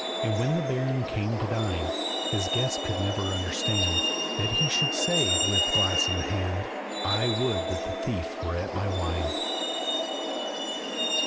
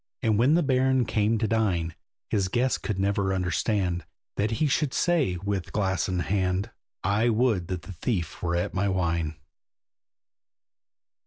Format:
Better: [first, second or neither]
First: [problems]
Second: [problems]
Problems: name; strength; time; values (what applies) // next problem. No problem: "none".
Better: second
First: background sound (Truck); 2 dB above the speech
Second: none